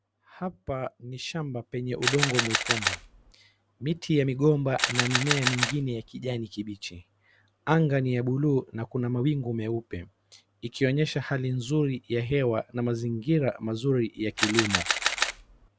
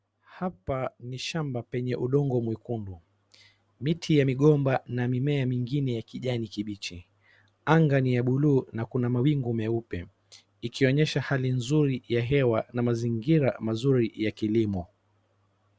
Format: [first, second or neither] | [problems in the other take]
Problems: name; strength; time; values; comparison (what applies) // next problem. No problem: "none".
second | background sound (Camera); as loud as the speech